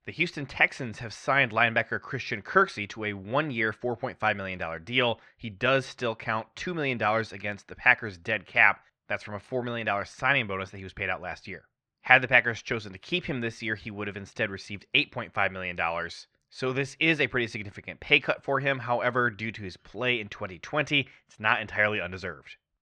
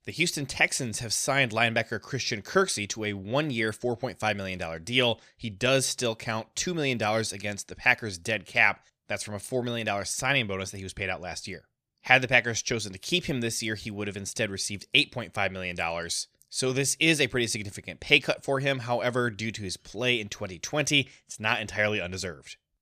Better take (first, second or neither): second